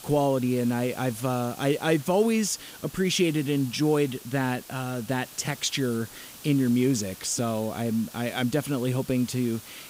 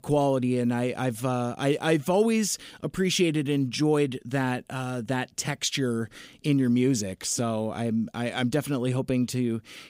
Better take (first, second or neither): second